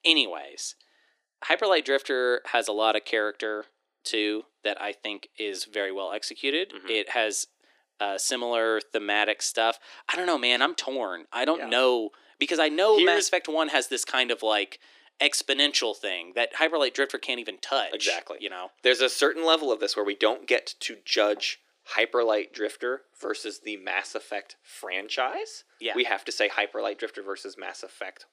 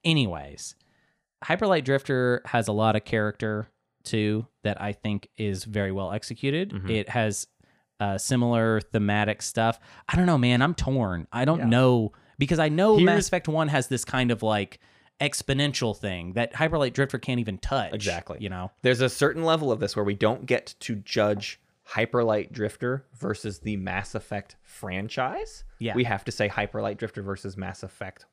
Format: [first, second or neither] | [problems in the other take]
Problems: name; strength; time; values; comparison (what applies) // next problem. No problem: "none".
second | thin; very; fading below 300 Hz